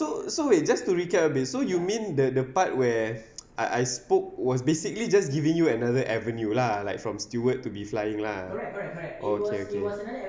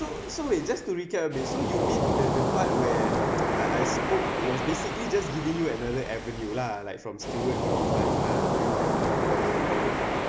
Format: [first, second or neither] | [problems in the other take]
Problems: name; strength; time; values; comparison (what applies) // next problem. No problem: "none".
first | background sound (Waves, surf); 4 dB above the speech